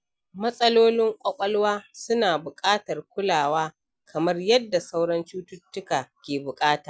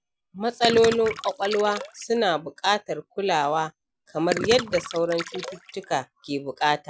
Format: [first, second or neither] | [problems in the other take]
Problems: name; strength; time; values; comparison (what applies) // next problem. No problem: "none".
first | background sound (Gurgling); 9 dB below the speech